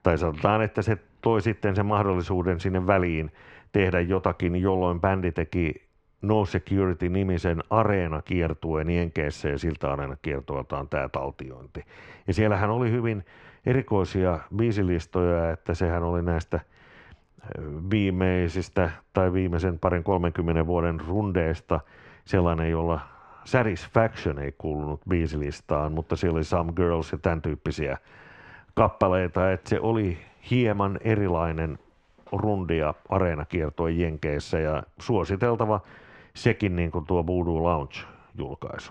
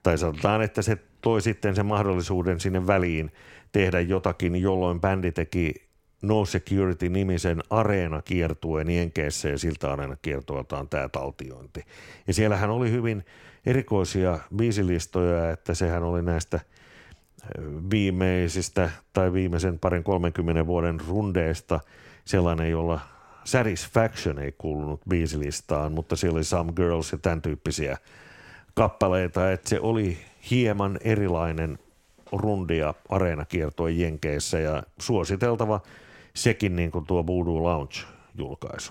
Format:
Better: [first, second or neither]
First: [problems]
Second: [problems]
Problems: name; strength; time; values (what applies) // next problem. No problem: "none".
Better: second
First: muffled; slightly; fading above 3 kHz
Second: none